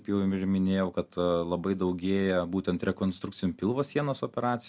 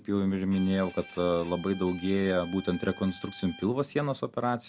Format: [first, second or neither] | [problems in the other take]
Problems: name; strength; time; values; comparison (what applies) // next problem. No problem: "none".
first | background sound (Bowed string instrument); 19 dB below the speech